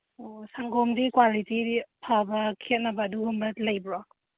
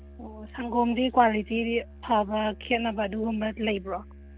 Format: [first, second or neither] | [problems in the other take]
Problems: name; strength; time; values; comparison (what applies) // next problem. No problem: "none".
first | background sound (Musical instrument); 18 dB below the speech